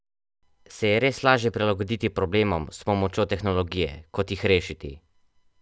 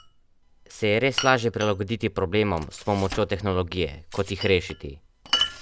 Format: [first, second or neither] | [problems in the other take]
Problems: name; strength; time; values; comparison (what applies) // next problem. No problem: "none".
first | background sound (Glass); 9 dB below the speech